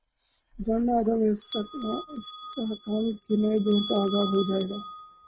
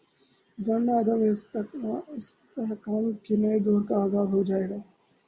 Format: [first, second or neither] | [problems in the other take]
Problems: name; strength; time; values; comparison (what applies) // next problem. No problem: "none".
second | noise reduction (neural mask model RNNoise)